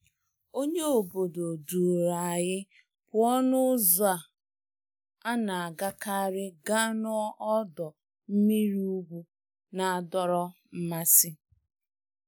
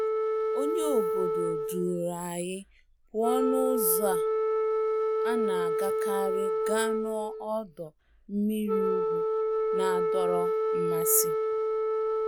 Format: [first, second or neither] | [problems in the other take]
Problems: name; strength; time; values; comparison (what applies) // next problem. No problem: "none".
first | background sound (Wind instrument, woodwind instrument); 5 dB above the speech